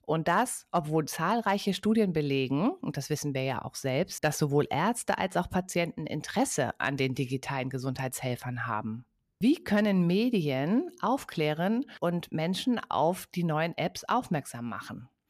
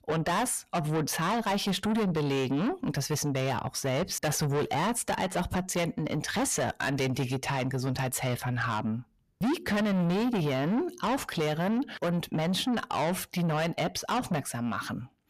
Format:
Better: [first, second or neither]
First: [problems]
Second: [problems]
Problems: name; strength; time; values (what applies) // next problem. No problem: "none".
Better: first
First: none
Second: distortion; heavy; 6 dB below the speech